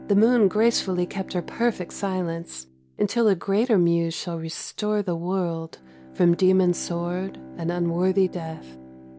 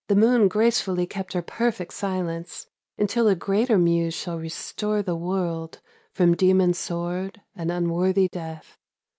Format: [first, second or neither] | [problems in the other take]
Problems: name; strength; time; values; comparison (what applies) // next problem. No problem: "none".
second | background sound (Bowed string instrument); 19 dB below the speech